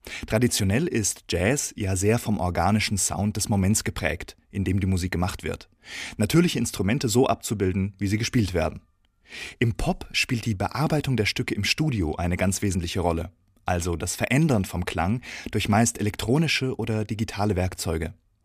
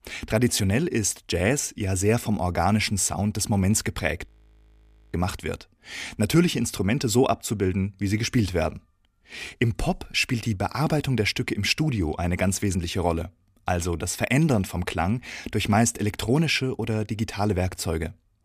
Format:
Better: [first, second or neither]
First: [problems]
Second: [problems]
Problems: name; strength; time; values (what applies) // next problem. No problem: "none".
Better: first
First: none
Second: audio freezing; at 4.5 s for 1 s